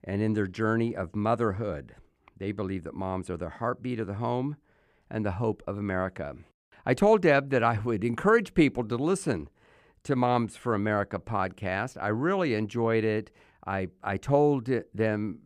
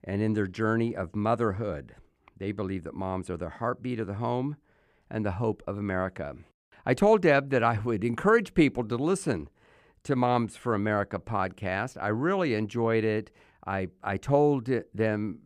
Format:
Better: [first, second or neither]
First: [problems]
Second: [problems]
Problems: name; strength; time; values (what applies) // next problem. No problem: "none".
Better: neither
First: none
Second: none